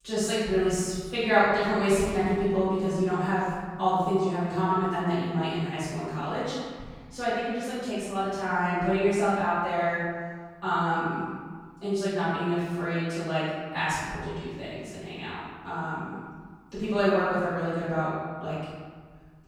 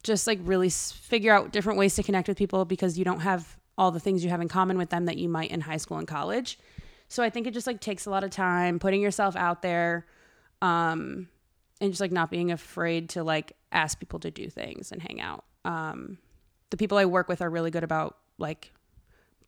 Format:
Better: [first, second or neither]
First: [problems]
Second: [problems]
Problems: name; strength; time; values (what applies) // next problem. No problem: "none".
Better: second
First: off-mic speech; far // room echo; strong; dies away in 1.5 s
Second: none